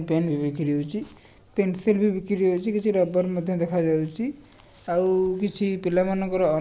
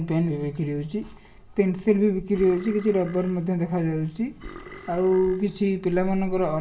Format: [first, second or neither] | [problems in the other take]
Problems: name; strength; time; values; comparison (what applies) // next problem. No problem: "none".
first | background sound (Burping, eructation); 19 dB below the speech // room echo; dies away in 0.2 s